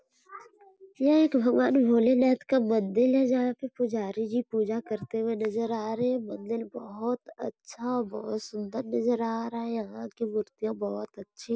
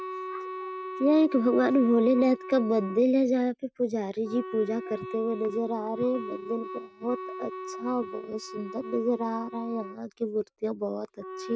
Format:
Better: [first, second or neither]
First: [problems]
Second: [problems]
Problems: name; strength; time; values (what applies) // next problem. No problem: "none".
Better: first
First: none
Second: noise reduction (neural mask model RNNoise)